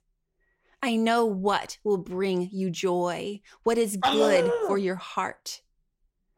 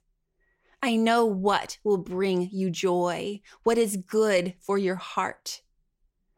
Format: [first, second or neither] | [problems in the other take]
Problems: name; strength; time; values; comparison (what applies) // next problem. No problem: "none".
second | dog barking; loud; at 4 s; peak 3 dB above the speech